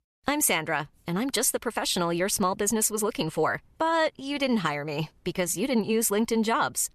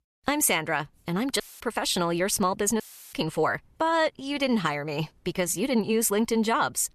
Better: first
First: none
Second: audio cutting out; filled with static; at 1.5 s and at 3 s

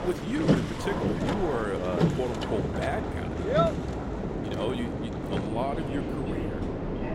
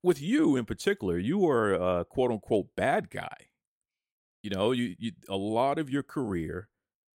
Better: second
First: train or aircraft noise; very loud; throughout; 3 dB above the speech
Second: none

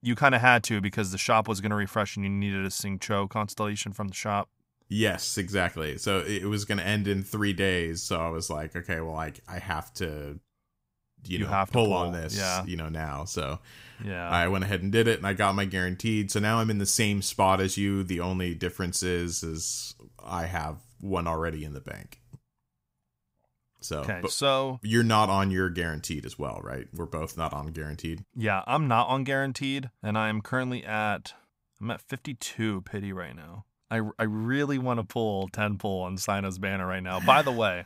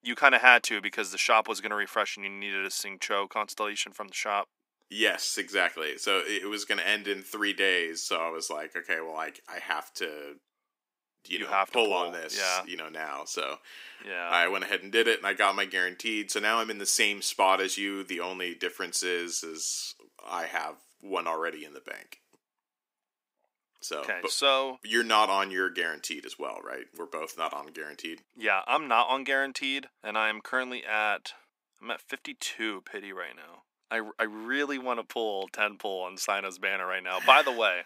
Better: first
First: none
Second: thin; very; fading below 300 Hz

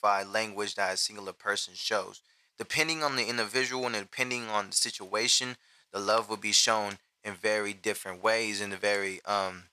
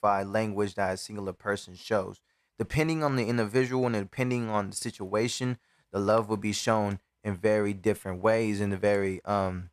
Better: second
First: thin; somewhat; fading below 1 kHz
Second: none

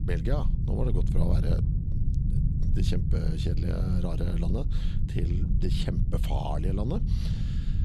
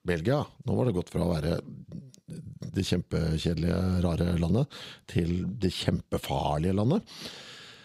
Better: second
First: low rumble; loud; throughout; 4 dB below the speech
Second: none

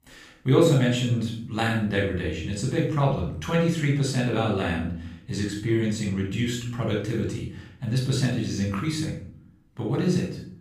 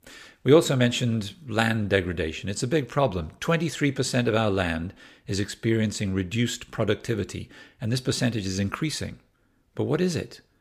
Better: second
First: off-mic speech; far // room echo; noticeable; dies away in 0.6 s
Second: none

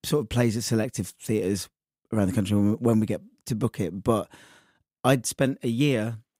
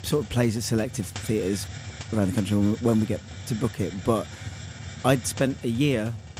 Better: first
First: none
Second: hiss; noticeable; throughout; 15 dB below the speech

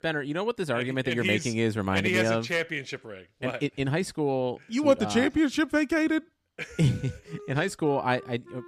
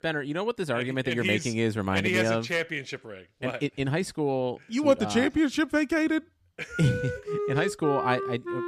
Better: first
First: background music; faint; throughout; 20 dB below the speech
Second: background music; loud; throughout; 5 dB below the speech

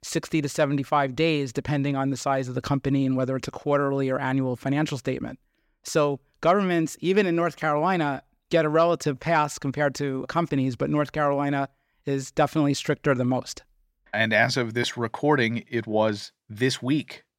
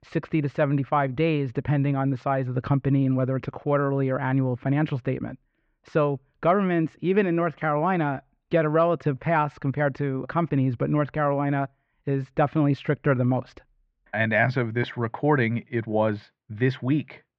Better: first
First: none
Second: muffled; very; fading above 2.5 kHz

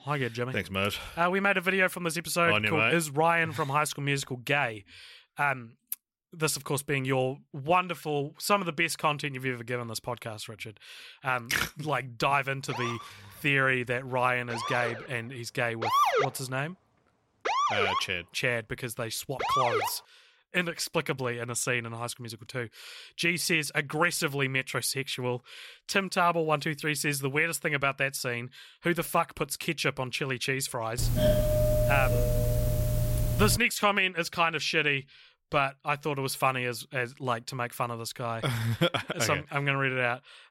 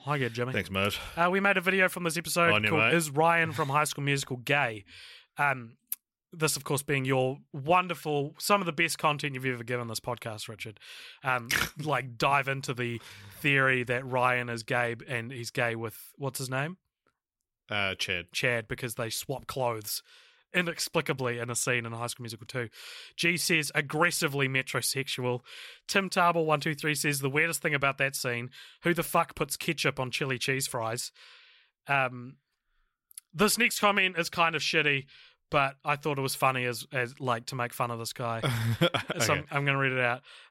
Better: second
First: siren; loud; from 13 to 20 s; peak 5 dB above the speech // doorbell; loud; from 31 to 34 s; peak 4 dB above the speech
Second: none

